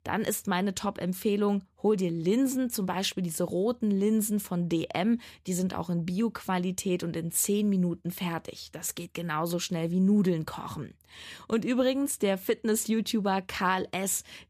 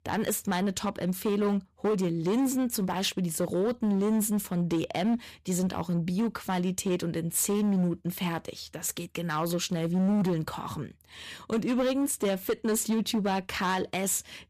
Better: first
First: none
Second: distortion; slight; 10% of the sound clipped

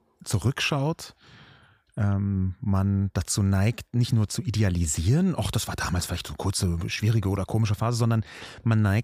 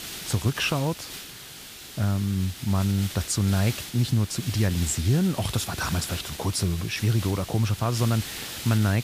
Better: first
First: none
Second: hiss; noticeable; throughout; 10 dB below the speech

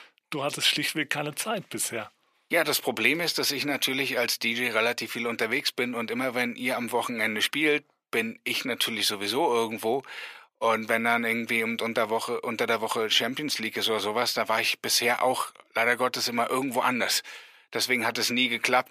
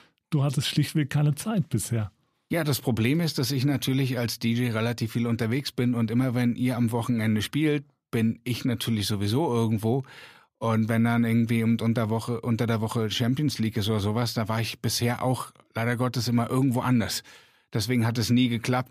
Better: second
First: thin; very; fading below 550 Hz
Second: none

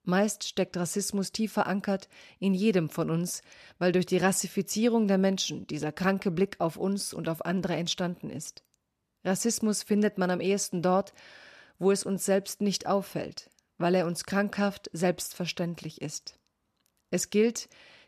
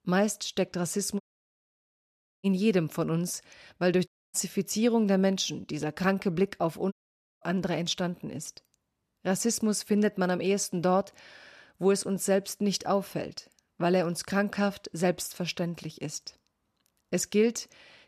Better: first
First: none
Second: audio cutting out; at 1 s for 1 s, at 4 s and at 7 s

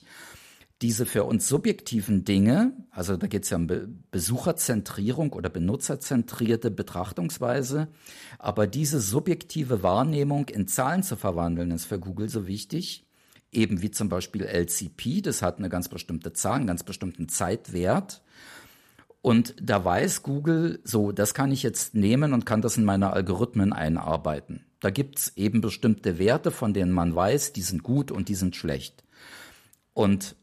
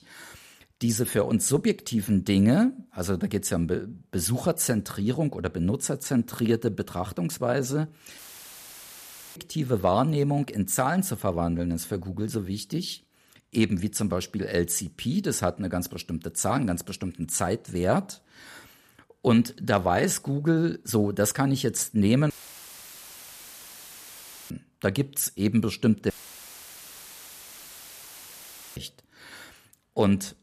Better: first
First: none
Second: audio cutting out; filled with static; at 8 s for 1 s, at 22 s for 2 s and at 26 s for 2.5 s

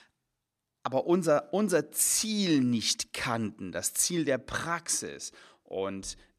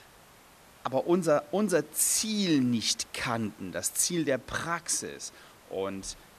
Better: first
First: none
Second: hiss; faint; throughout; 25 dB below the speech

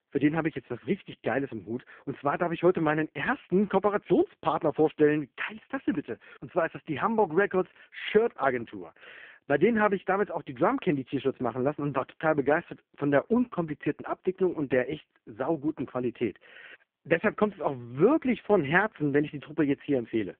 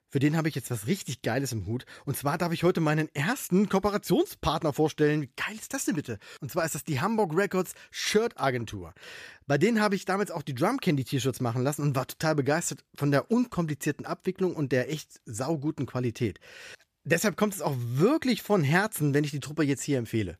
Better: second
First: phone-call audio; poor line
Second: none

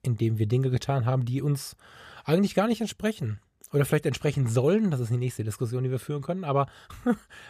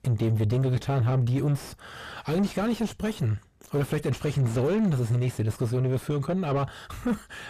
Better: first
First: none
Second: distortion; heavy; 6 dB below the speech

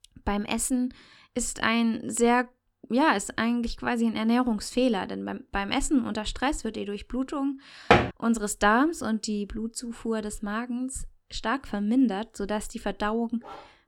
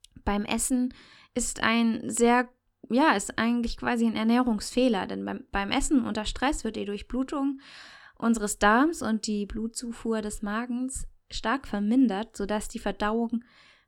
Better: second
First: door banging; loud; at 8 s; peak 6 dB above the speech // dog barking; faint; at 13 s; peak 20 dB below the speech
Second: none

